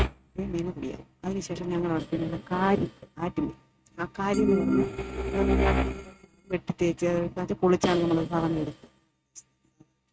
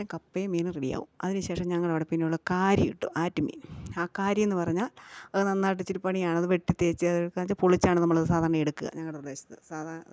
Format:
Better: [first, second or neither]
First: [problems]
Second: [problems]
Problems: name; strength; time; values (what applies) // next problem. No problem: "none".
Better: second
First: noise reduction (neural mask model RNNoise)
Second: none